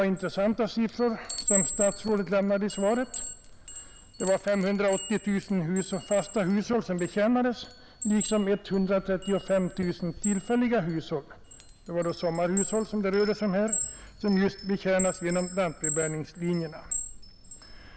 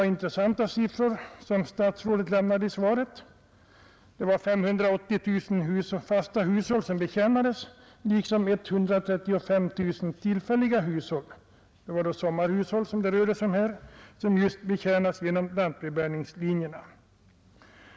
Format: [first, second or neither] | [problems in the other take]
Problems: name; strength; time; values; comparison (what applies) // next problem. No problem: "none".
second | background sound (Chime); 8 dB below the speech